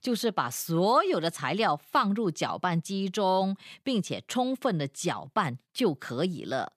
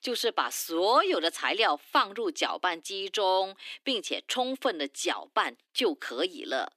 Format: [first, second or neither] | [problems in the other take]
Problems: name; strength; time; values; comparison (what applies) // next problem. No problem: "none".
first | thin; somewhat; fading below 300 Hz